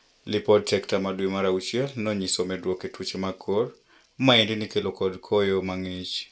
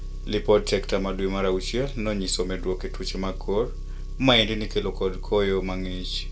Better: first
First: none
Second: background sound (Engine); 6 dB below the speech

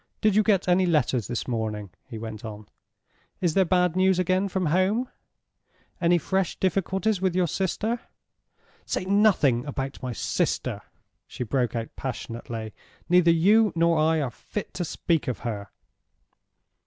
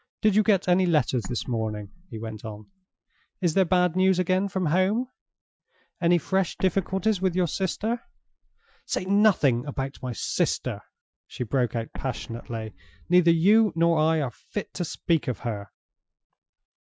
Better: first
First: none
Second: noise reduction (classical method Wiener filter)

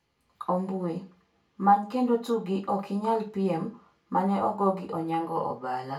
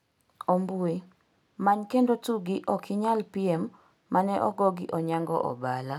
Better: second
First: room echo; dies away in 0.2 s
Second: none

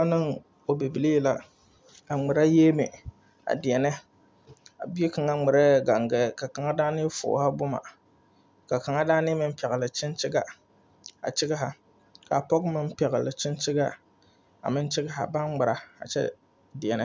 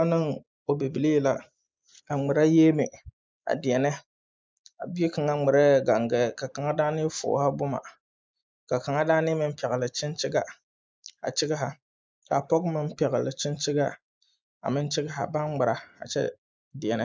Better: first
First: none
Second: noise reduction (neural mask model Resemble Enhance denoiser)

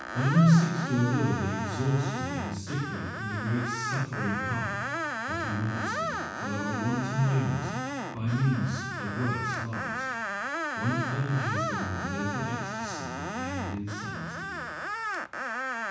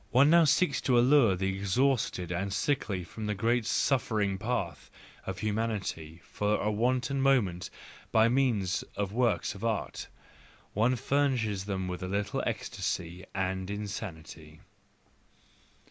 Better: second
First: background sound (Screech); 4 dB below the speech // room echo; dies away in 1.2 s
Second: none

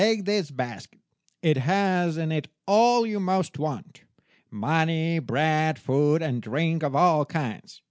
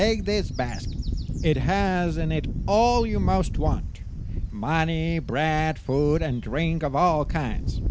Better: first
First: none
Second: background sound (Wind / Bird); 4 dB below the speech

